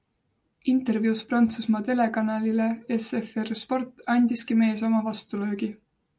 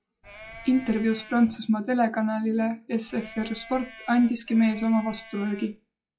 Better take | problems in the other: first | noise reduction (classical method log-MMSE)

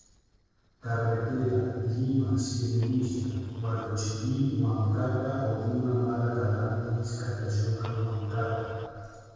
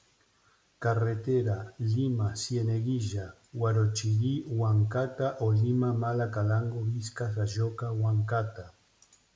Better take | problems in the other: second | noise reduction (neural separator model SepFormer DNS4)

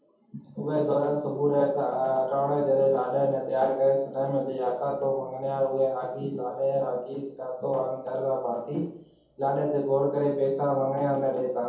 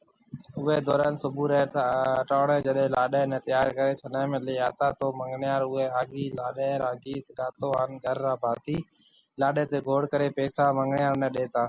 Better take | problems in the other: second | room echo; dies away in 0.7 s

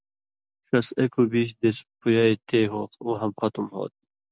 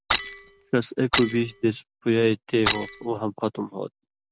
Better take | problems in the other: first | background sound (Shatter); 5 dB below the speech

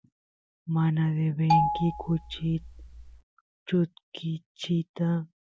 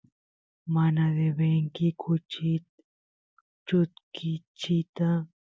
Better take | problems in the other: second | background sound (Marimba, xylophone); 1 dB below the speech

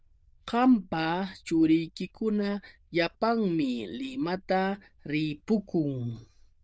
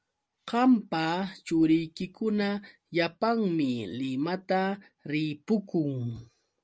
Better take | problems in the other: second | noise reduction (neural diffusion model UNIVERSE++)

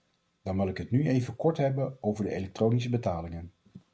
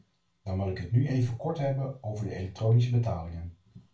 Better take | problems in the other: first | room echo; dies away in 0.3 s

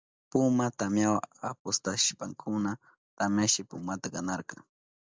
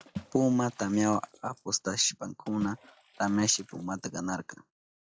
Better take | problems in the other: first | noise reduction (classical method log-MMSE)

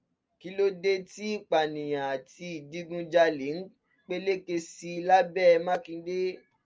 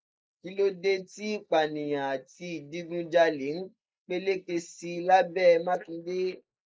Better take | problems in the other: first | noise reduction (neural mask model Resemble Enhance denoiser)

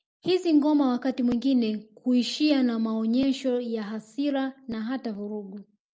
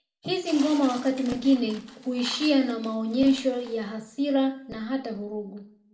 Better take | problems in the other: first | background sound (Tearing); 19 dB below the speech // room echo; dies away in 0.4 s

